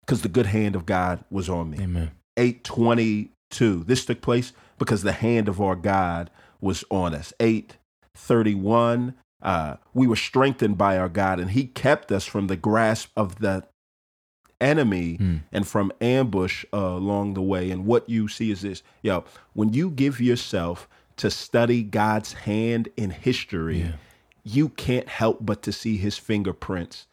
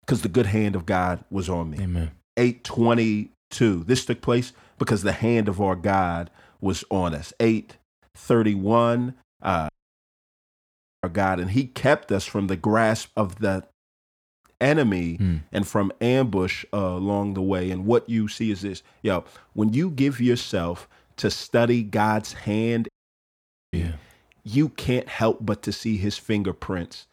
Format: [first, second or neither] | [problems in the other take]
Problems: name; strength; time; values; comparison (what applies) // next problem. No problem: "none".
first | audio cutting out; at 9.5 s for 1.5 s and at 23 s for 1 s